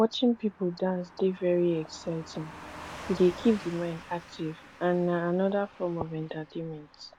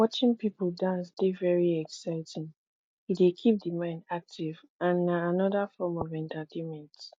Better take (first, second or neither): second